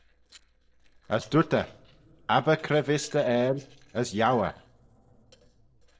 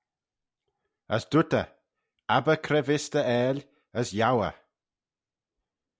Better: second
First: noise reduction (neural separator model SepFormer DNS4)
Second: none

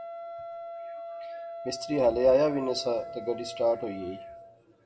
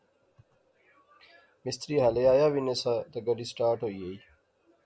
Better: second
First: background sound (Wind instrument, woodwind instrument); 11 dB below the speech // room echo; dies away in 1.3 s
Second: none

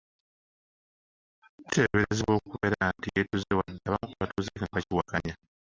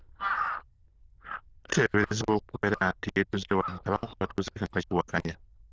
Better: first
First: none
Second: noise reduction (neural diffusion model UNIVERSE++)

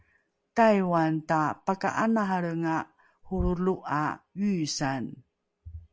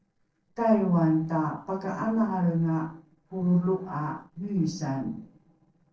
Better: first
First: none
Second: noise reduction (neural separator model SepFormer DNS4)

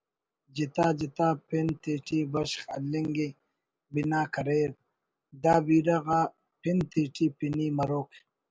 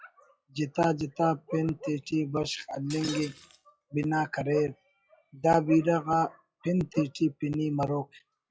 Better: first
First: none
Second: noise reduction (classical method log-MMSE)

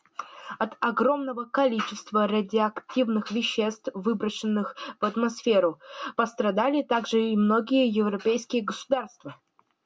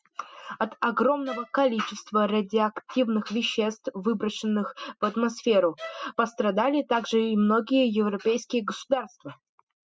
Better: first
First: none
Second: noise reduction (classical method spectral subtraction)

